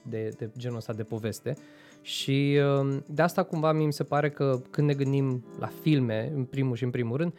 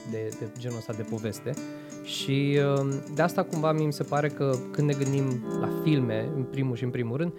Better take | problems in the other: first | background music; loud; throughout; 9 dB below the speech; faint in the first

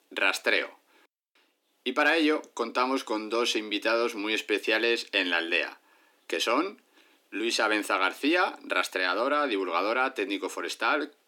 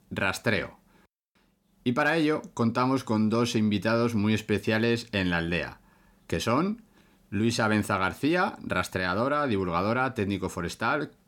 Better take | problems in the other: second | thin; somewhat; fading below 300 Hz

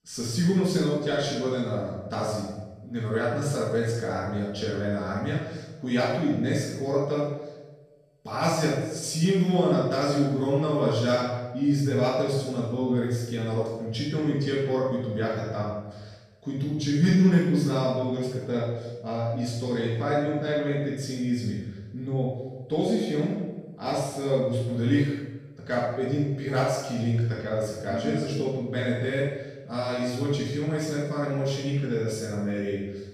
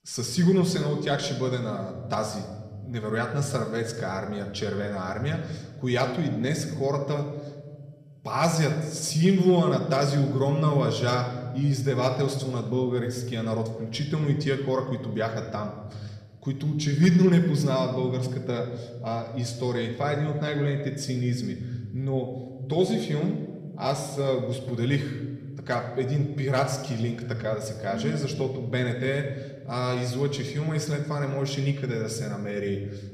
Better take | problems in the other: second | room echo; strong; dies away in 0.9 s; slight in the second // off-mic speech; far; somewhat distant in the second

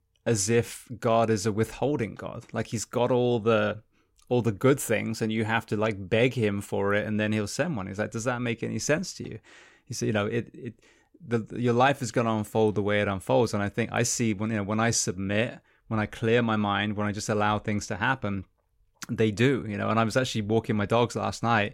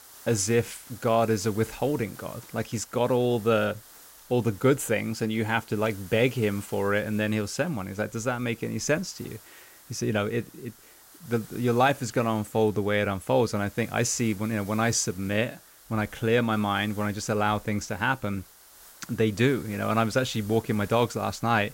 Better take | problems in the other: first | hiss; faint; throughout; 20 dB below the speech

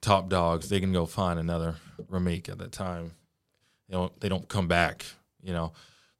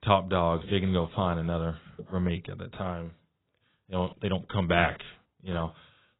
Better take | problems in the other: first | garbled, watery; badly; nothing above 3.5 kHz

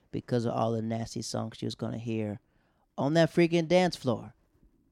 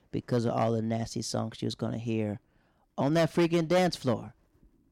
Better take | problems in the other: first | distortion; slight; 4% of the sound clipped

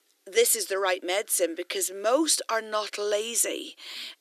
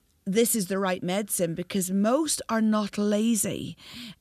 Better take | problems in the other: second | thin; very; fading below 300 Hz

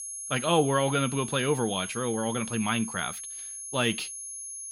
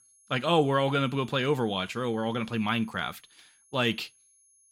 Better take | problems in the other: second | high-pitched whine; loud; throughout; 10.5 kHz, 8 dB below the speech; faint in the second

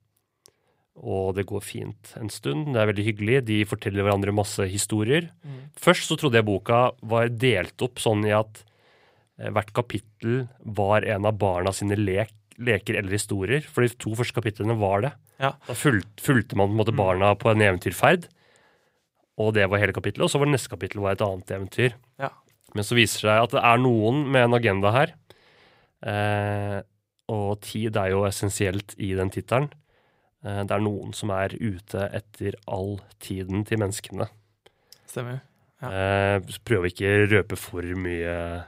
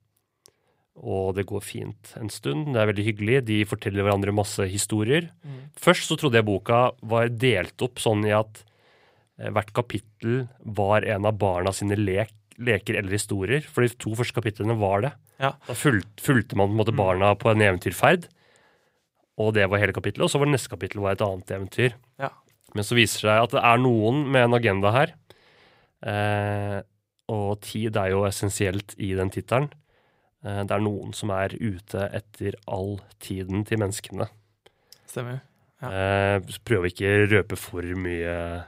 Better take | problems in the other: neither | none

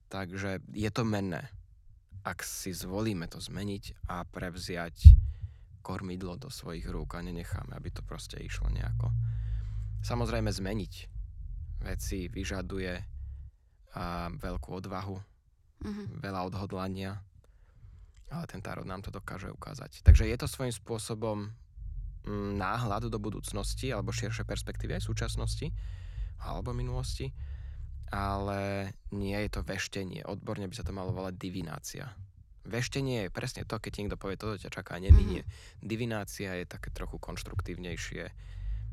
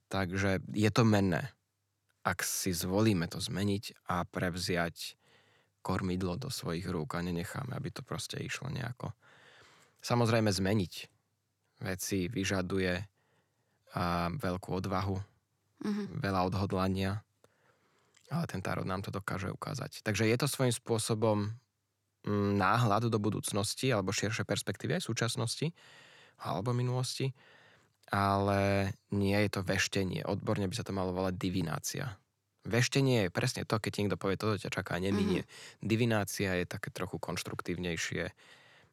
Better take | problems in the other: second | low rumble; loud; throughout; 10 dB below the speech

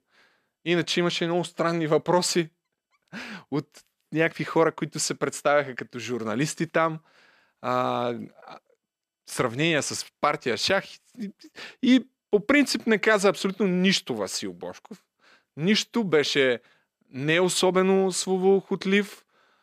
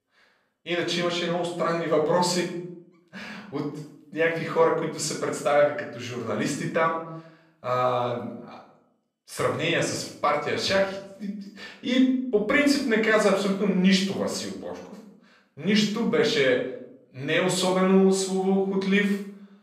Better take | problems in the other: first | off-mic speech; far // room echo; noticeable; dies away in 0.6 s

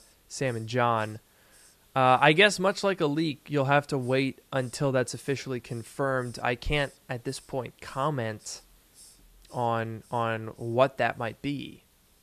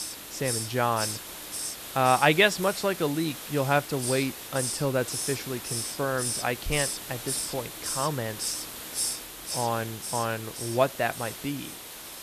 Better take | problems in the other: first | hiss; loud; throughout; 5 dB below the speech; faint in the first

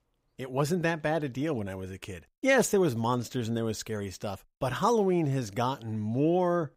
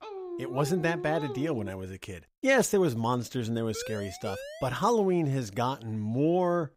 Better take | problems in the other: first | dog barking; noticeable; until 1.5 s; peak 9 dB below the speech // siren; faint; from 3.5 to 4.5 s; peak 10 dB below the speech

